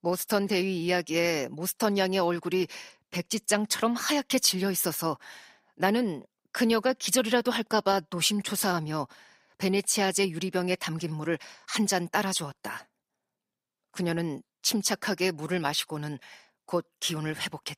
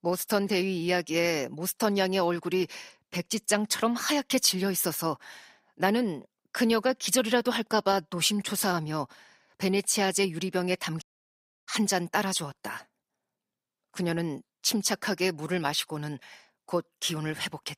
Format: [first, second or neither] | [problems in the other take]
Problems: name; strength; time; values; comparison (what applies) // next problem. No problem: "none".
first | audio cutting out; at 11 s for 0.5 s